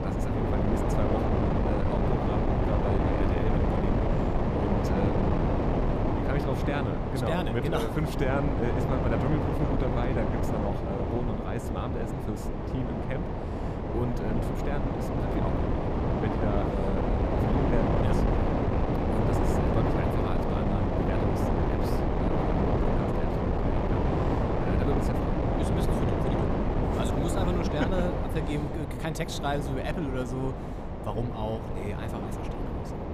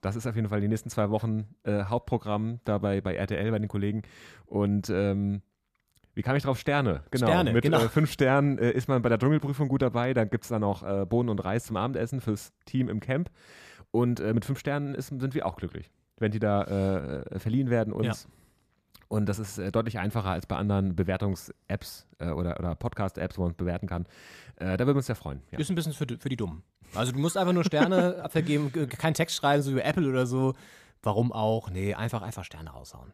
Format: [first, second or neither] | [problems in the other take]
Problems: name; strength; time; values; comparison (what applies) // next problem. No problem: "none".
second | wind noise on the microphone; heavy; 4 dB above the speech